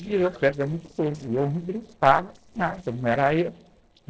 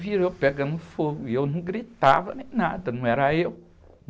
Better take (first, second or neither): second